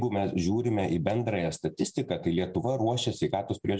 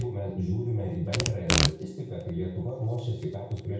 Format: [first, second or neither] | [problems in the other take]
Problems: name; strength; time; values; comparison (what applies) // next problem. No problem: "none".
first | background sound (Packing tape, duct tape / Tearing); 2 dB below the speech // room echo; dies away in 0.6 s